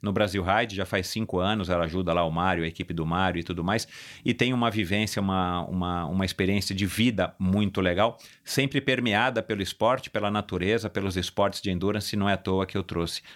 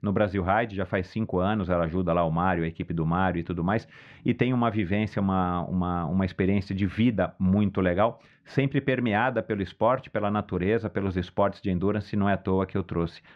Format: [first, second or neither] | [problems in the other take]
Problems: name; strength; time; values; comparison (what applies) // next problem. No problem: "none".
first | muffled; very; fading above 1.5 kHz